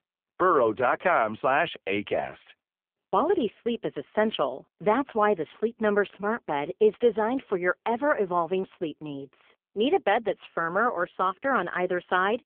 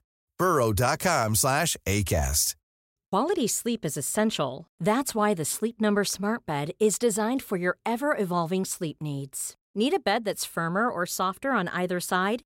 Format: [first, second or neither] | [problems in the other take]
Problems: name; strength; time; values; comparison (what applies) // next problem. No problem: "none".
second | phone-call audio; poor line; nothing above 3.5 kHz